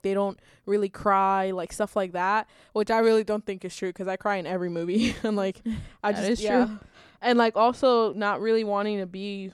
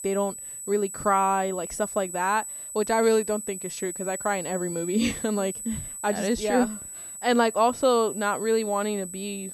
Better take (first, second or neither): first